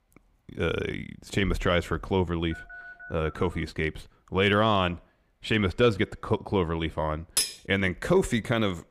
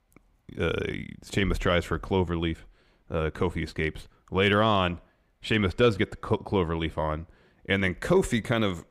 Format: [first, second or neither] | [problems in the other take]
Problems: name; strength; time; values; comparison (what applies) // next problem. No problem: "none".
second | phone ringing; faint; from 2.5 to 3.5 s; peak 15 dB below the speech // clattering dishes; loud; at 7.5 s; peak level with the speech